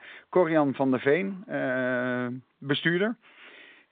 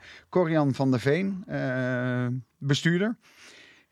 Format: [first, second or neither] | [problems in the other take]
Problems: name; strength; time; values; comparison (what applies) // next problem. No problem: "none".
second | phone-call audio